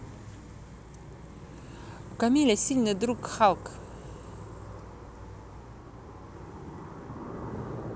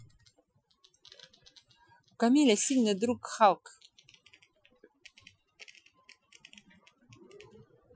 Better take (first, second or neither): first